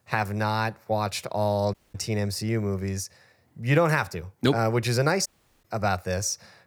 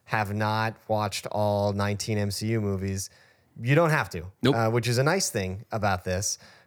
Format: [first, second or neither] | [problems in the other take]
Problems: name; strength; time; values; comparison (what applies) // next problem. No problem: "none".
second | audio cutting out; at 1.5 s and at 5.5 s